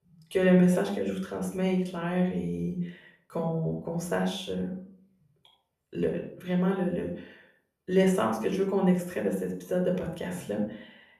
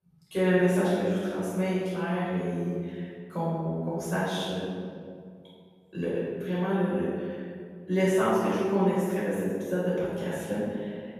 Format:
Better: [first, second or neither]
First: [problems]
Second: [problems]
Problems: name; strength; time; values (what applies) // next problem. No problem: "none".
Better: first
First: room echo; slight; dies away in 0.4 s // off-mic speech; somewhat distant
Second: room echo; strong; dies away in 1.8 s // off-mic speech; far